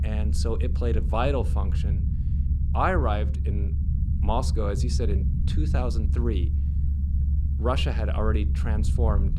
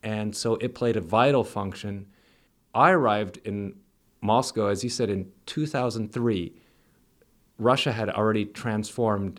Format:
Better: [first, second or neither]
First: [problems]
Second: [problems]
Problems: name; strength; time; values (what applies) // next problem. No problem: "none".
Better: second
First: low rumble; noticeable; throughout; 10 dB below the speech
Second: none